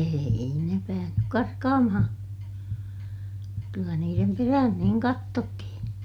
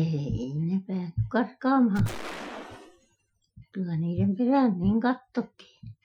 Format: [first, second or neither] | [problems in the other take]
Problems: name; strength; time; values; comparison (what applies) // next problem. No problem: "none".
first | noise reduction (classical method Wiener filter)